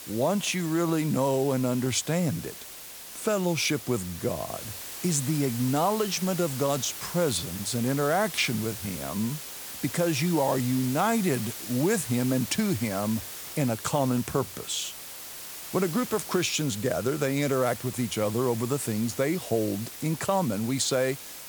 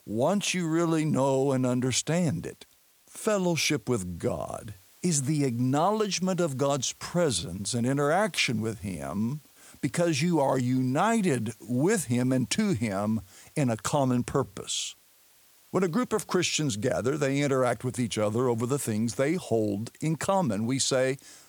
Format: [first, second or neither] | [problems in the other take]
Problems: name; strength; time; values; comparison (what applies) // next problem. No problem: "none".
second | hiss; loud; throughout; 10 dB below the speech; faint in the second